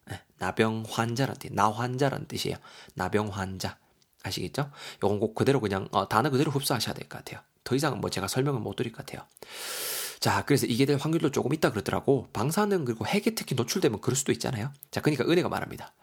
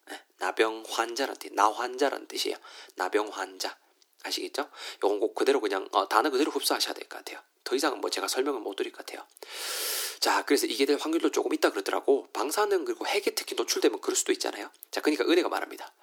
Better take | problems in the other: first | thin; somewhat; fading below 300 Hz

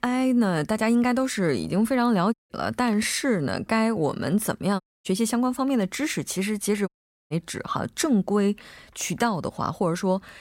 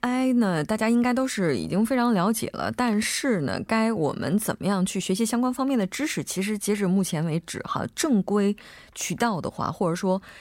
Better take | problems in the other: second | audio cutting out; at 2.5 s, at 5 s and at 7 s

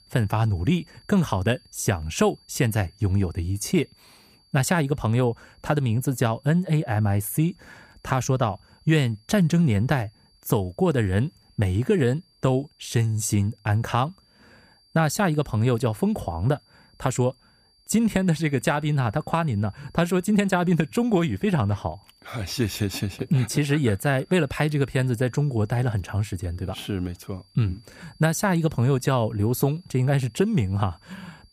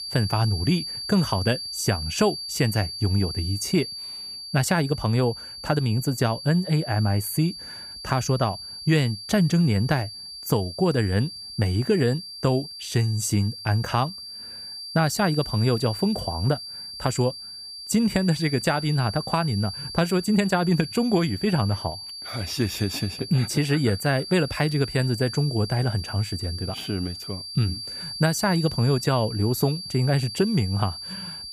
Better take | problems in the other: first | high-pitched whine; loud; throughout; 4.5 kHz, 9 dB below the speech; faint in the first

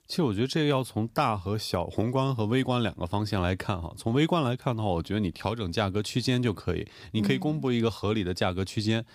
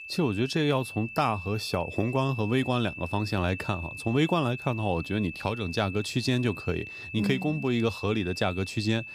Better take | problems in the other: first | high-pitched whine; noticeable; throughout; 2.5 kHz, 10 dB below the speech

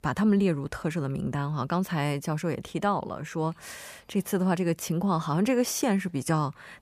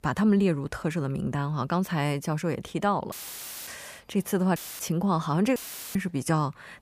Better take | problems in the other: first | audio cutting out; filled with static; at 3 s for 0.5 s, at 4.5 s and at 5.5 s

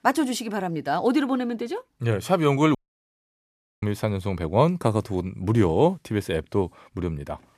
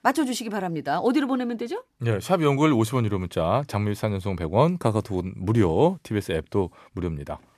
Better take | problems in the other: second | audio cutting out; at 3 s for 1 s

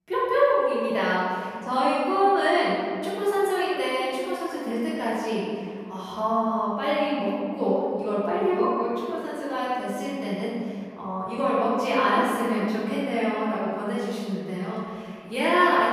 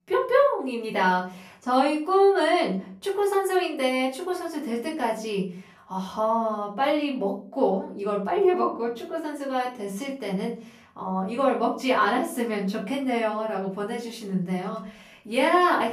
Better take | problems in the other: second | room echo; strong; dies away in 2.1 s; slight in the second // off-mic speech; far; far in the second

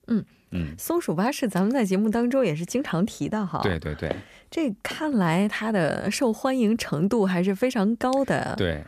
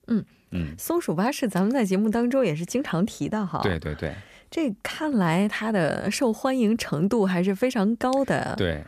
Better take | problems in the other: second | footsteps; faint; at 4 s; peak 10 dB below the speech

